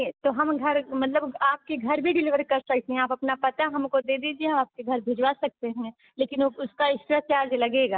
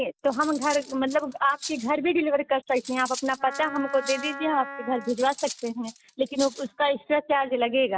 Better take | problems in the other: first | background sound (Cutlery, silverware + Wind instrument, woodwind instrument); 13 dB below the speech

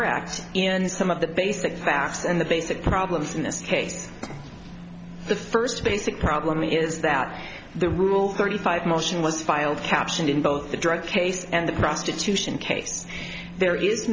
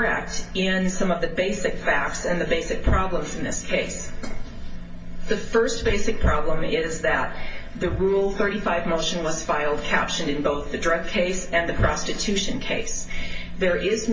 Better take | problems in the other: first | room echo; dies away in 0.2 s

